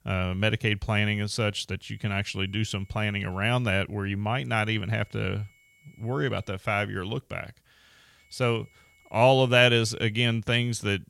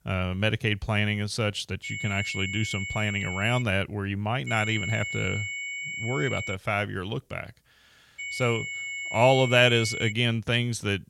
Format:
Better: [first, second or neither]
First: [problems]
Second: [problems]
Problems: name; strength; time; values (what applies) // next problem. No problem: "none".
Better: first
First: high-pitched whine; faint; from 2 to 3.5 s, from 4.5 to 6.5 s and from 8 to 10 s; 2 kHz, 35 dB below the speech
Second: high-pitched whine; loud; from 2 to 3.5 s, from 4.5 to 6.5 s and from 8 to 10 s; 2 kHz, 6 dB below the speech